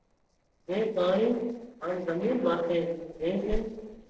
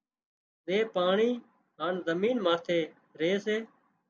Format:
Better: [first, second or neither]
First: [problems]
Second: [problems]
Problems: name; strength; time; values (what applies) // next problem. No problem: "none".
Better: second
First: noise reduction (neural separator model SepFormer DNS4)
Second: none